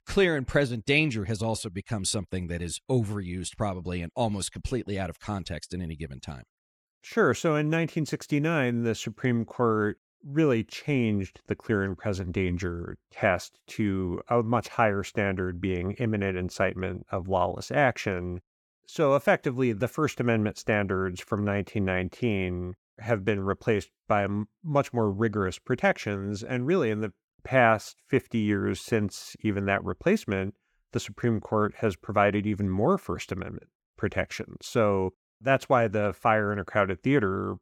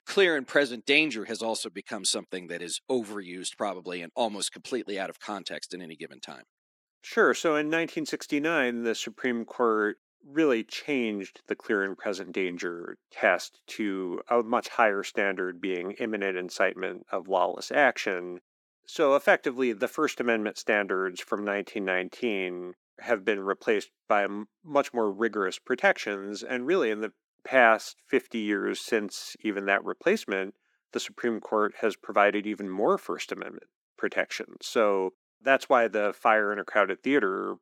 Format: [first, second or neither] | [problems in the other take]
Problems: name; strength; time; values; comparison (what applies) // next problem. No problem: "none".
first | thin; somewhat; fading below 250 Hz